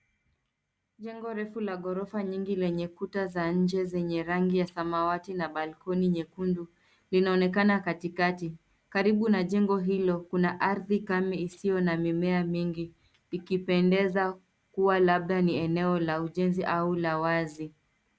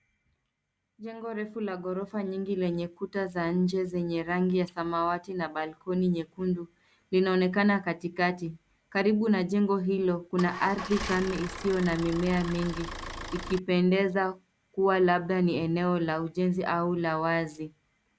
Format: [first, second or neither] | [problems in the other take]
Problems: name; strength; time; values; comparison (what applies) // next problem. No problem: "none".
first | background sound (Idling / Engine starting / Motor vehicle (road)); 9 dB below the speech